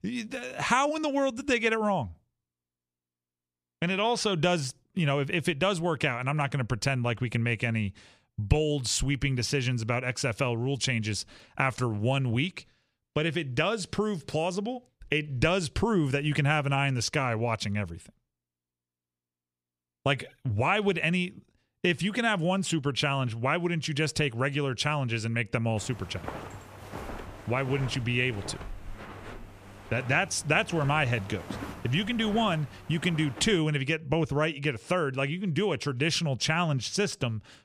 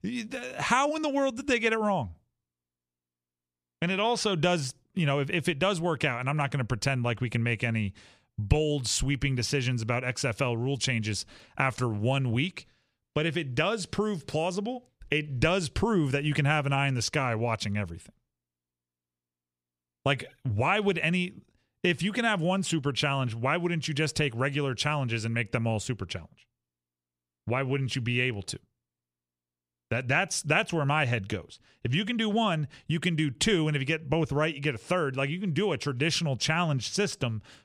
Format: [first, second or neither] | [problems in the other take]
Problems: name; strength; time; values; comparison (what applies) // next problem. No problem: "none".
second | footsteps; faint; from 26 to 34 s; peak 10 dB below the speech